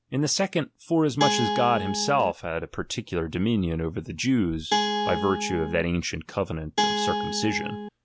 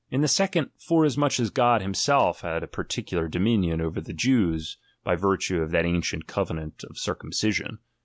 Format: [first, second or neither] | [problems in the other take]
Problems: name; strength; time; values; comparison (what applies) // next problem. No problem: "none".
second | background sound (Guitar); as loud as the speech